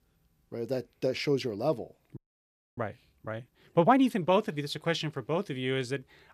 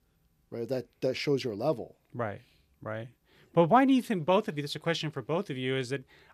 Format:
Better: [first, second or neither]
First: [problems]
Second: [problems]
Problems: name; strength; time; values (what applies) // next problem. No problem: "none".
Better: second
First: audio freezing; at 2 s for 0.5 s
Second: none